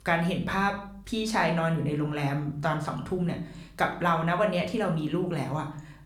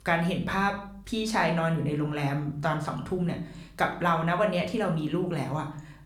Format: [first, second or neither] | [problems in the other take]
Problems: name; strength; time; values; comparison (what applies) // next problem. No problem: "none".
neither | room echo; slight; dies away in 0.5 s; the same in both // off-mic speech; somewhat distant; the same in both